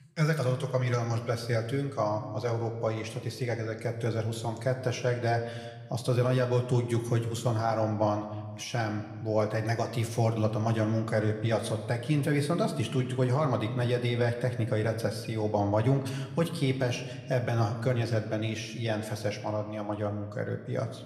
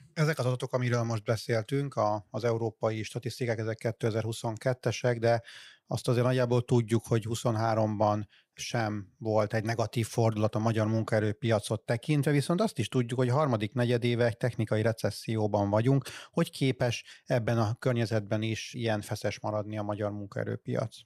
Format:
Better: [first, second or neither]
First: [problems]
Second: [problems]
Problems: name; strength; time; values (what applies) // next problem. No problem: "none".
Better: second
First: room echo; slight; dies away in 1.1 s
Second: none